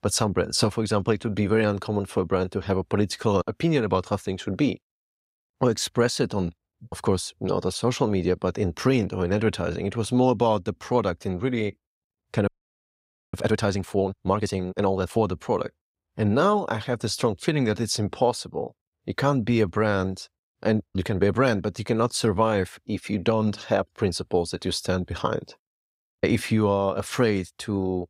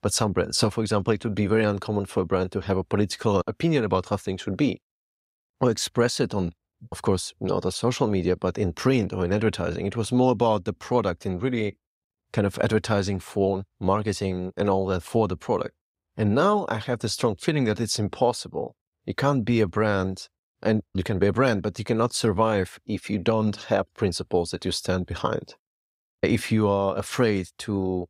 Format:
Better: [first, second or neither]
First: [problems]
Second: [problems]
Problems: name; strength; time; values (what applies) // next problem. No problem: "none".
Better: second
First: audio freezing; at 12 s for 1 s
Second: none